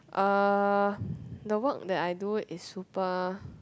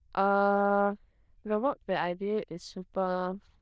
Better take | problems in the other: first | noise reduction (neural diffusion model UNIVERSE++)

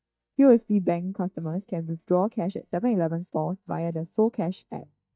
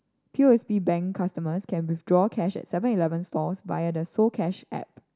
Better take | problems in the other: second | noise reduction (neural mask model DeepFilterNet 3)

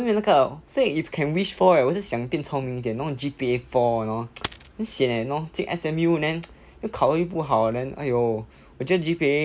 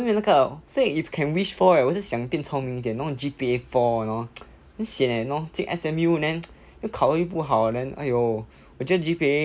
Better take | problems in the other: second | background sound (Coin (dropping)); 13 dB below the speech

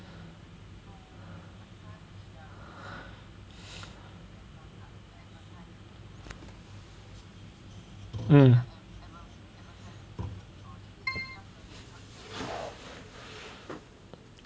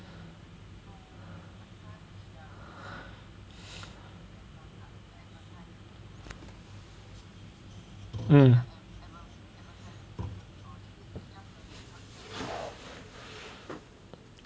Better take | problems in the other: second | background sound (Keyboard (musical)); 3 dB below the speech

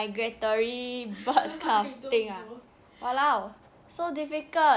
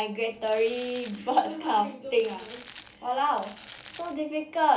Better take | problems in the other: first | background sound (Crumpling, crinkling); 20 dB below the speech // room echo; dies away in 0.3 s

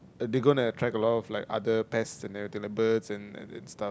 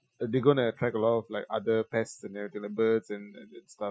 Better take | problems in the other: first | noise reduction (classical method Wiener filter)

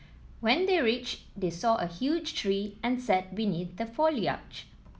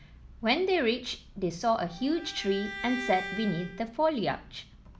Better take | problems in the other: first | background sound (Bowed string instrument); 11 dB below the speech

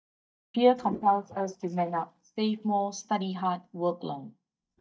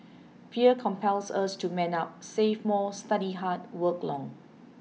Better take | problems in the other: second | noise reduction (neural mask model DeepFilterNet 3)

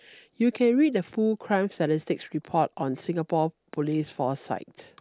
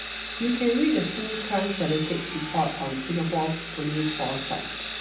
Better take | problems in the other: first | background sound (Sawing); 7 dB below the speech // room echo; dies away in 0.6 s

